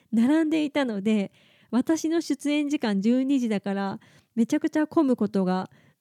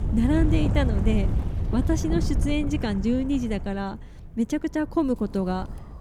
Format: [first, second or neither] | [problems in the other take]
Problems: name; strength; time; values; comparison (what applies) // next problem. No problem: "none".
first | wind noise on the microphone; heavy; 9 dB below the speech